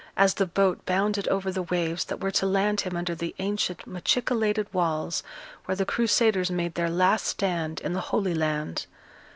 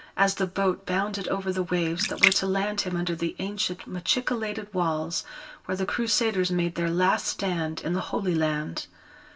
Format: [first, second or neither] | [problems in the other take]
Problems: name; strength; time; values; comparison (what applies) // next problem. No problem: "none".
first | background sound (Splash, splatter); 4 dB below the speech // room echo; dies away in 0.2 s